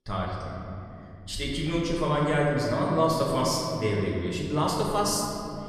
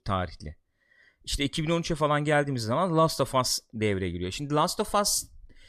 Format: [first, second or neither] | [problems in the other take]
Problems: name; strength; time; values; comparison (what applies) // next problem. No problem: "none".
second | room echo; noticeable; dies away in 2.8 s // off-mic speech; far